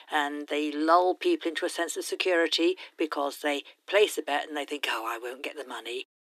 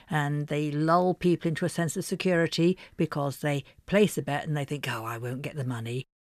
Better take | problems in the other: second | thin; somewhat; fading below 300 Hz

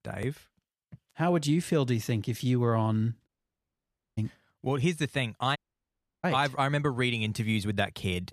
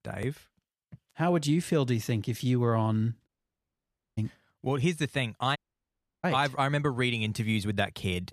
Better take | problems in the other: neither | audio cutting out; at 3.5 s for 1 s and at 5.5 s for 0.5 s; the same in both

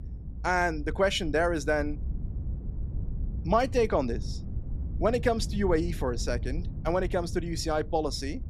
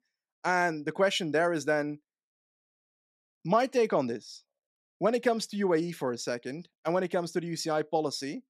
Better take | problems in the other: second | low rumble; faint; throughout; 20 dB below the speech

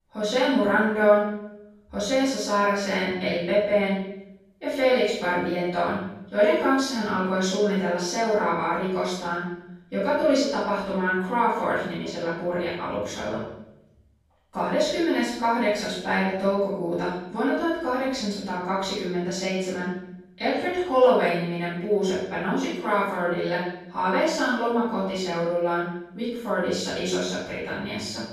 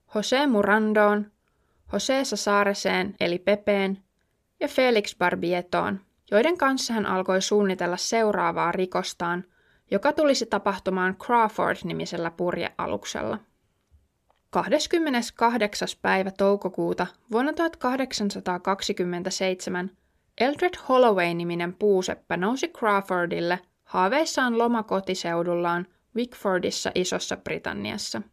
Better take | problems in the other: second | off-mic speech; far // room echo; strong; dies away in 0.8 s

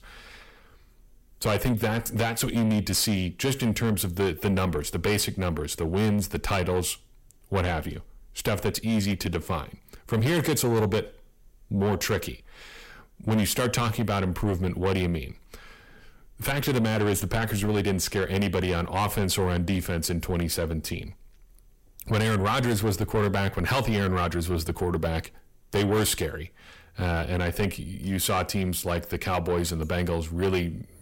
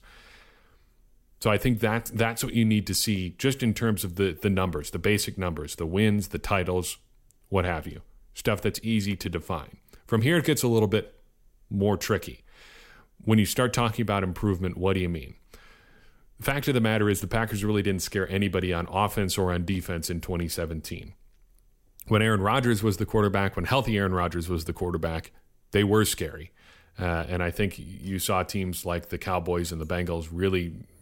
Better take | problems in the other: second | distortion; heavy; 7 dB below the speech

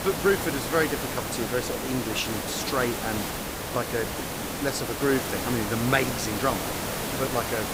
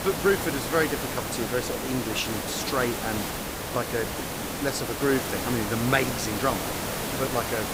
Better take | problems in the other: neither | hiss; loud; throughout; 2 dB below the speech; the same in both

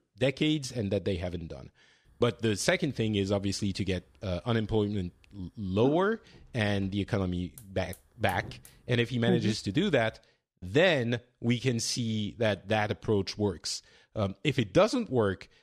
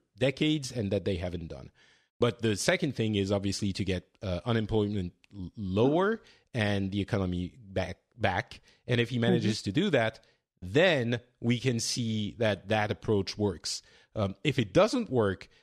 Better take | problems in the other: second | hiss; faint; from 2 to 10 s; 25 dB below the speech

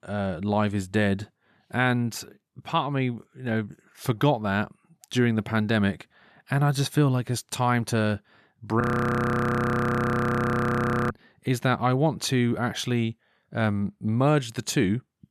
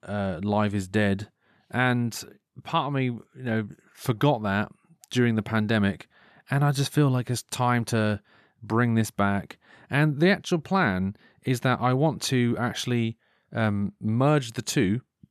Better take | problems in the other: second | audio freezing; at 9 s for 2.5 s

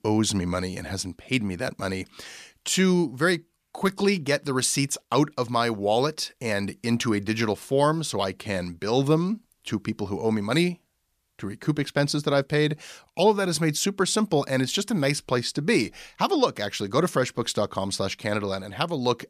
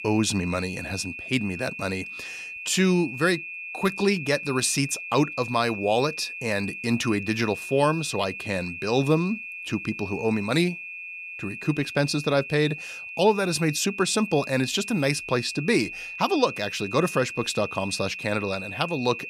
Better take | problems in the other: first | high-pitched whine; loud; throughout; 2.5 kHz, 9 dB below the speech

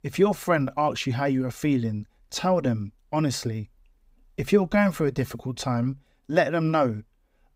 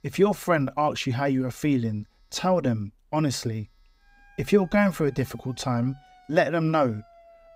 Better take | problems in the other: first | alarms or sirens; faint; throughout; 30 dB below the speech

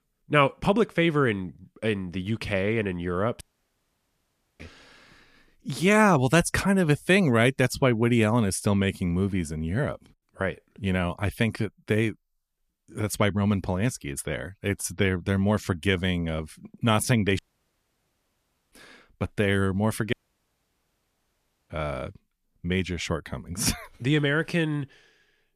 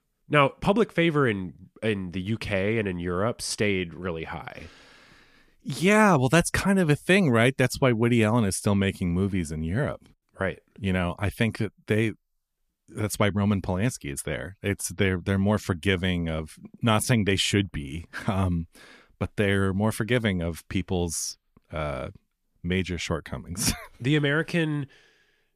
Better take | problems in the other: second | audio cutting out; at 3.5 s for 1 s, at 17 s for 1.5 s and at 20 s for 1.5 s

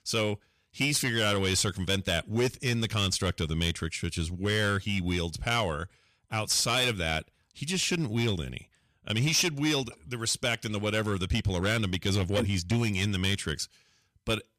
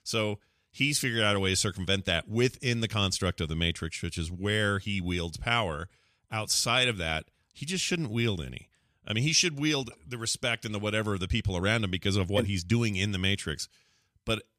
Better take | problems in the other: second | distortion; slight; 6% of the sound clipped

